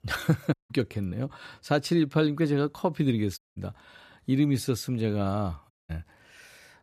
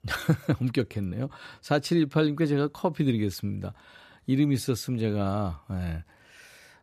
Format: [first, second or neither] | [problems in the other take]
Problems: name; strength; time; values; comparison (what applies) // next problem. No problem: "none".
second | audio cutting out; at 0.5 s, at 3.5 s and at 5.5 s